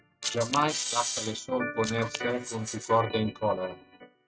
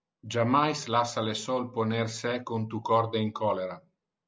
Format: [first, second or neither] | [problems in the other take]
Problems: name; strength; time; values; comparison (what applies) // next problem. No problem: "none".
second | noise reduction (neural mask model RNNoise)